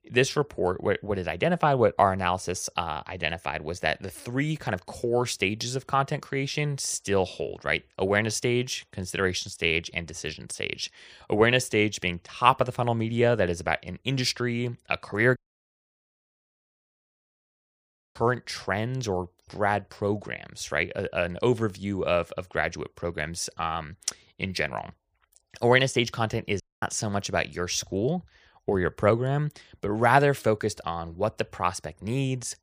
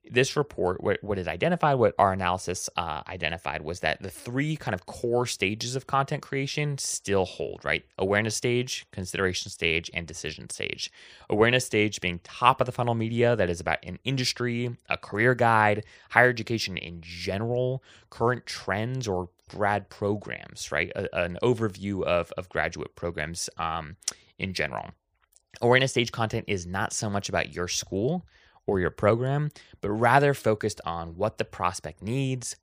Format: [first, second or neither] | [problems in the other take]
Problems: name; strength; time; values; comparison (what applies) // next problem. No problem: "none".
second | audio cutting out; at 15 s for 3 s and at 27 s